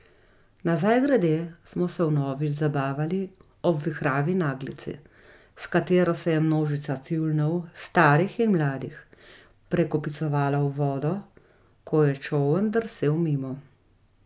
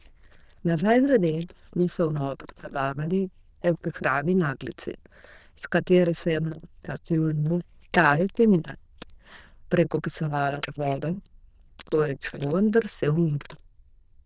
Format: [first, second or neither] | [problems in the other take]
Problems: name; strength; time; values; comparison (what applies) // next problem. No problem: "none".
first | noise reduction (neural diffusion model UNIVERSE++)